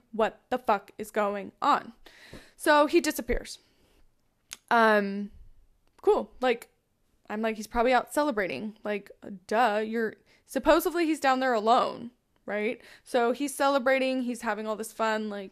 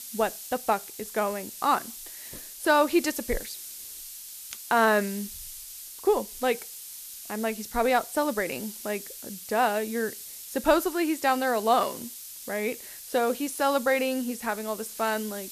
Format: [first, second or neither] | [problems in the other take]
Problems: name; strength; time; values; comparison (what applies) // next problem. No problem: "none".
first | hiss; noticeable; throughout; 10 dB below the speech